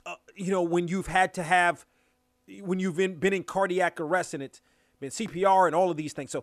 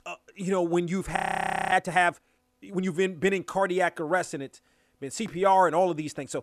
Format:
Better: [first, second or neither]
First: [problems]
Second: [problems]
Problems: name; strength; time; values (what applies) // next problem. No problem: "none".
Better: first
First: none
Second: audio freezing; at 1 s for 0.5 s